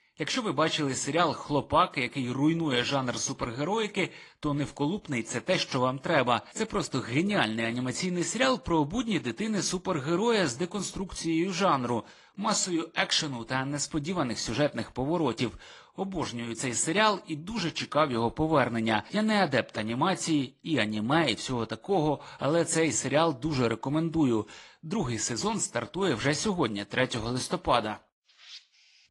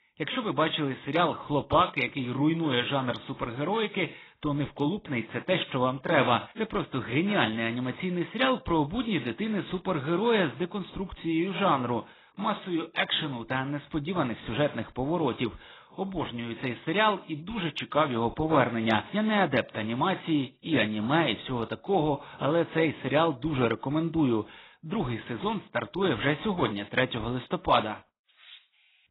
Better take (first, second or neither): first